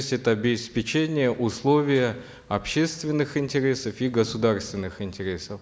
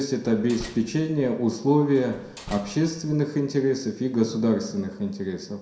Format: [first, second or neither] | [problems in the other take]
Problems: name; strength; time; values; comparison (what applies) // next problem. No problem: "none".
first | background sound (Slam); 18 dB below the speech // room echo; dies away in 0.7 s